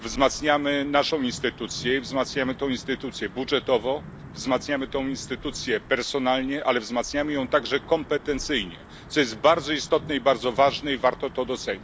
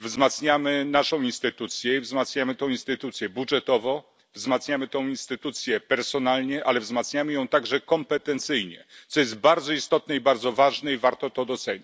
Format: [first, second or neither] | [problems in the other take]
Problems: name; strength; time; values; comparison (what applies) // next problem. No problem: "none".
second | background sound (Thunder / Wind / Rain); 17 dB below the speech